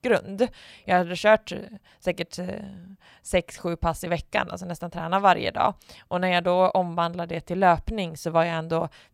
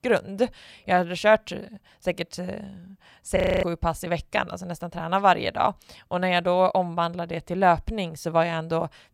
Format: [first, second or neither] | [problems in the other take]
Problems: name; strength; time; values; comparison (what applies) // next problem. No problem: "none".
first | audio freezing; at 3.5 s